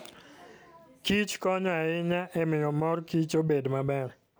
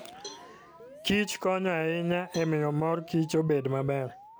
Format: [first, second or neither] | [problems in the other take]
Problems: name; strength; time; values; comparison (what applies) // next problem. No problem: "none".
first | background sound (Cowbell + Alarm); 19 dB below the speech